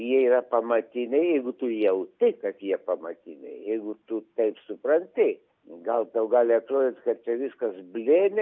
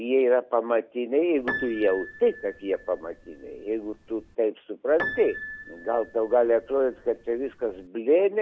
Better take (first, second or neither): first